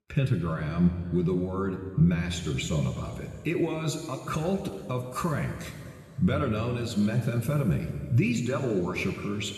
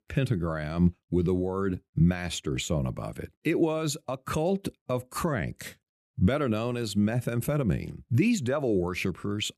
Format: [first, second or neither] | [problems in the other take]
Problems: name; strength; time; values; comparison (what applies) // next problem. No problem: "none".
second | room echo; noticeable; dies away in 2.1 s // off-mic speech; somewhat distant